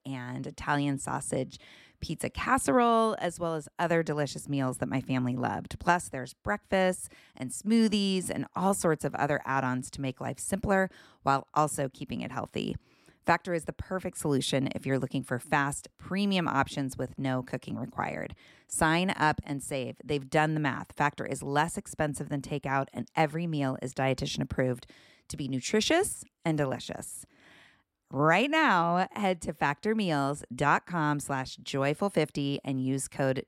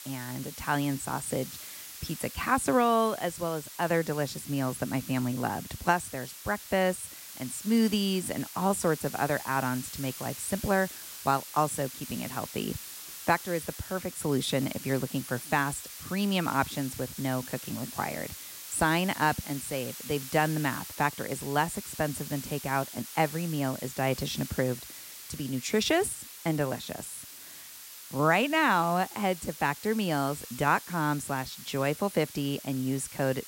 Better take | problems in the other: first | hiss; noticeable; throughout; 10 dB below the speech

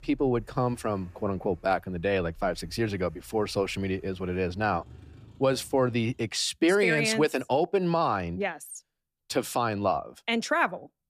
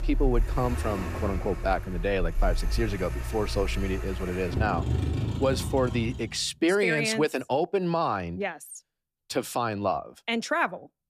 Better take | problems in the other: first | traffic noise; loud; until 6 s; 4 dB below the speech; faint in the first

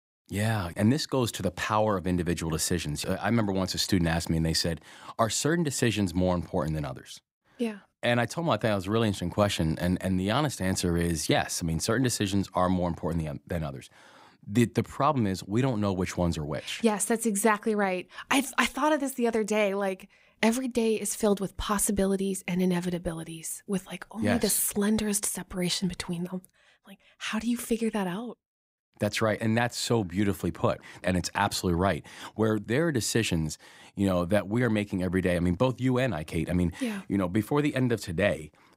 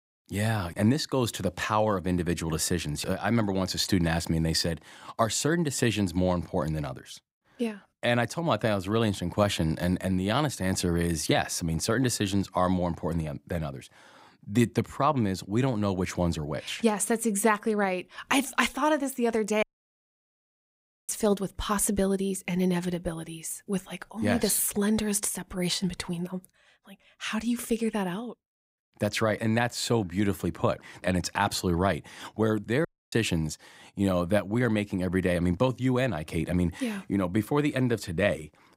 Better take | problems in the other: first | audio cutting out; at 20 s for 1.5 s and at 33 s

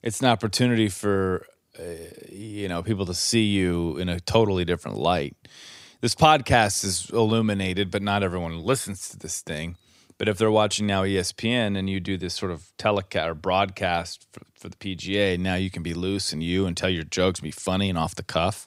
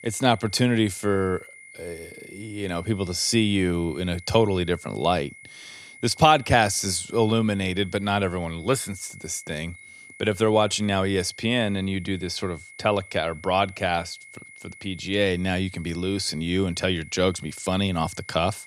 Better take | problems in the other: first | high-pitched whine; noticeable; throughout; 2 kHz, 20 dB below the speech

